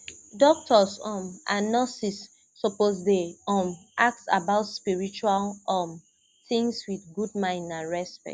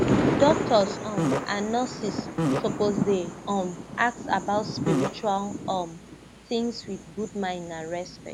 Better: first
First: none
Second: background sound (Fart + Thunder); 1 dB below the speech

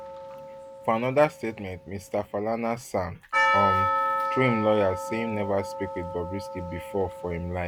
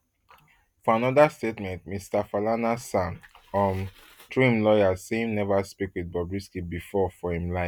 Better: second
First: background sound (Percussion); 2 dB below the speech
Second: none

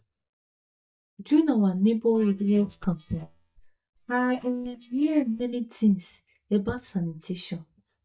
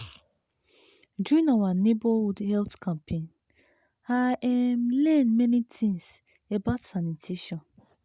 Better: second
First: noise reduction (neural mask model DeepFilterNet 3)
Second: none

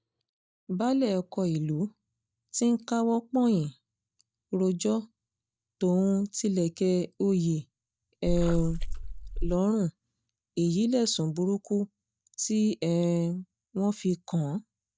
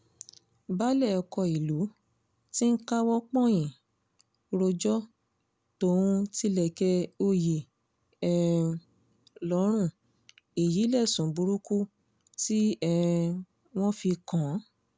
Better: second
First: noise reduction (neural mask model DeepFilterNet 3)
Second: none

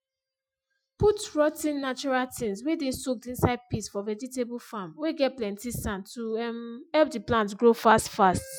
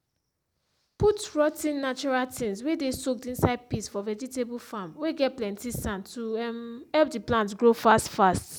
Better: second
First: noise reduction (classical method Wiener filter)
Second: none

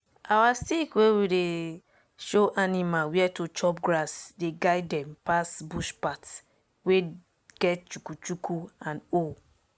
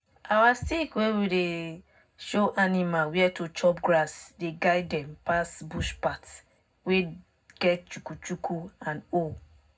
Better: first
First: none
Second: room echo; dies away in 0.3 s

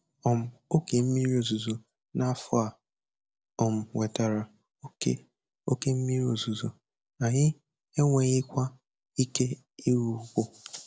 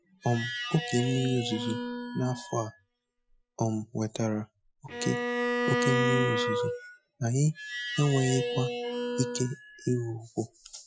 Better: first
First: none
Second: noise reduction (classical method Wiener filter)

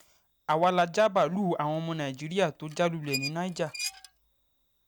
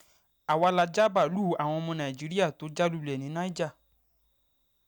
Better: second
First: background sound (Squeak); 12 dB below the speech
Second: none

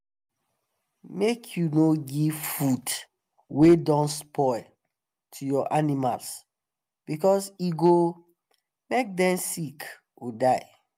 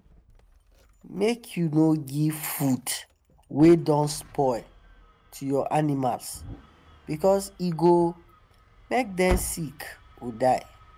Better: first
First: none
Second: background sound (Engine starting); 16 dB below the speech

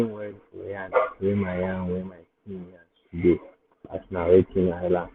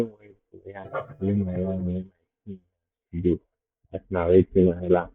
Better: first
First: none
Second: noise reduction (neural mask model DeepFilterNet 3)

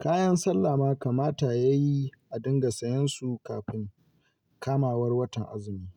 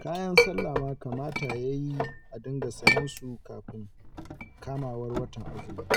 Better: first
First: none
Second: background sound (Chink, clink); 4 dB above the speech

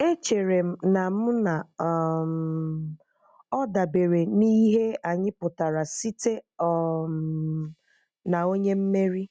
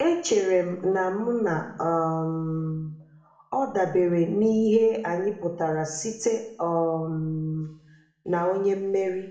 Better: first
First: none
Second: room echo; dies away in 0.7 s

